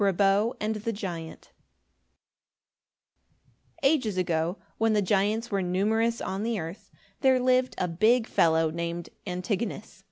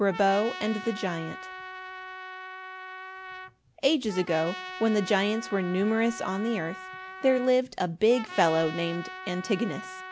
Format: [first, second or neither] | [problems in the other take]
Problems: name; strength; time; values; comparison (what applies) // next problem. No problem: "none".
first | background sound (Trumpet); 12 dB below the speech